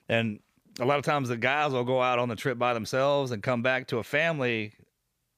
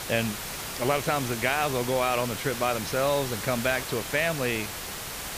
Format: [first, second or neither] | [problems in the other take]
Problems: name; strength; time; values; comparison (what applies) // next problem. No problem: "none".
first | hiss; loud; throughout; 6 dB below the speech